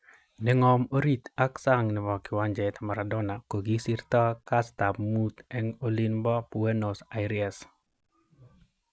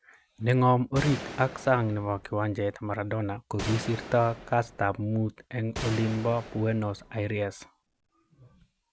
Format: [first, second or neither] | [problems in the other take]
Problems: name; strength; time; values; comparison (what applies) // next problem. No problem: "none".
first | background sound (Gunshot, gunfire); 12 dB below the speech